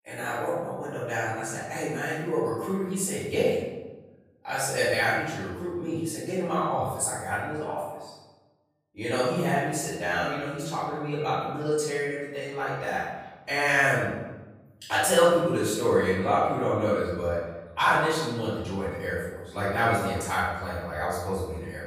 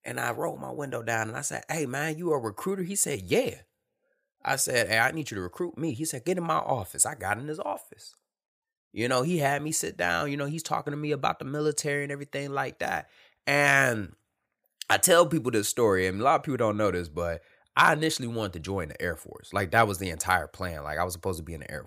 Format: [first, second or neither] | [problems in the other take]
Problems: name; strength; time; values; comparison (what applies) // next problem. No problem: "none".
second | off-mic speech; far // room echo; strong; dies away in 1 s